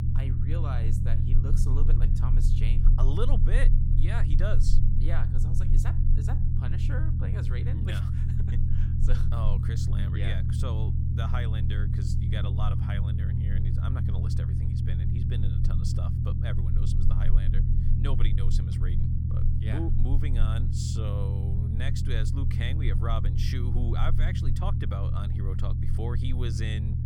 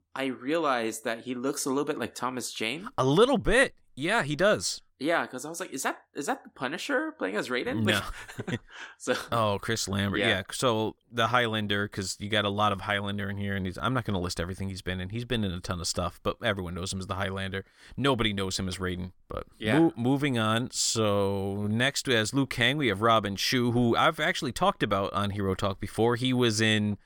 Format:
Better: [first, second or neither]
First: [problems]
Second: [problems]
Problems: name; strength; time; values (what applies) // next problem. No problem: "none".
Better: second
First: low rumble; loud; throughout; 1 dB below the speech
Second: none